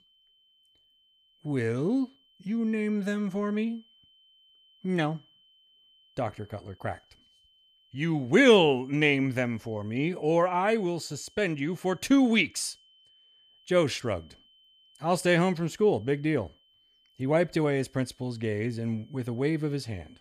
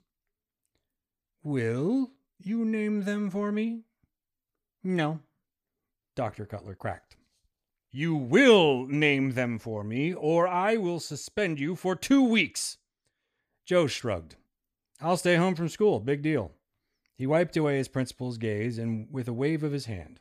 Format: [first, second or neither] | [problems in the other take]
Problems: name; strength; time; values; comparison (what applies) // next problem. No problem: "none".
second | high-pitched whine; faint; throughout; 3 kHz, 35 dB below the speech